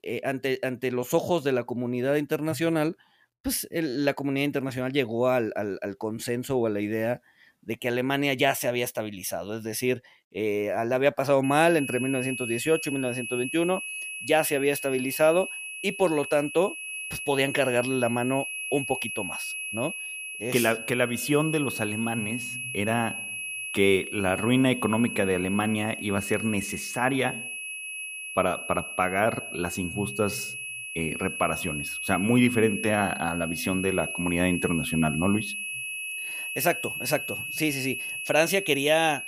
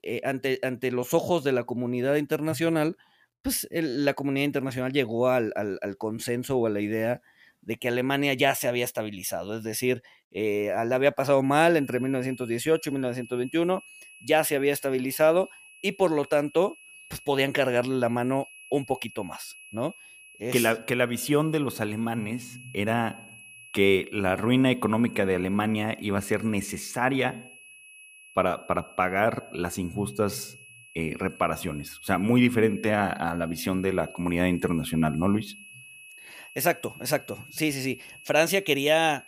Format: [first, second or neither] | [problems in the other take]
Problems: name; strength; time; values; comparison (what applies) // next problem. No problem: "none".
second | high-pitched whine; loud; from 11 s on; 2.5 kHz, 6 dB below the speech; faint in the second